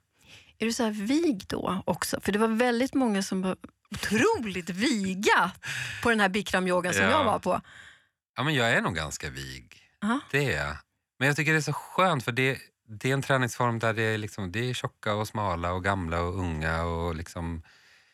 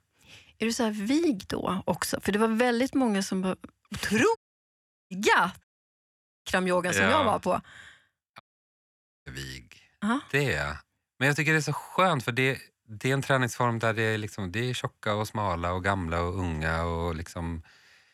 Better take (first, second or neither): first